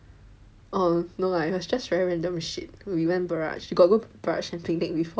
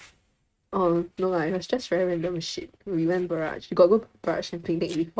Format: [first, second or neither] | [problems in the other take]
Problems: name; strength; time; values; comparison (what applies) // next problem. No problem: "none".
first | noise reduction (neural mask model RNNoise)